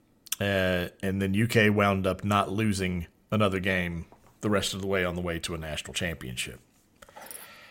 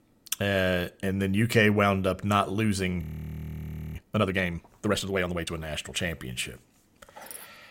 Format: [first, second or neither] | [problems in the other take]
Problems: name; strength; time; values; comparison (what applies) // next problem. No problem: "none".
first | audio freezing; at 3 s for 1 s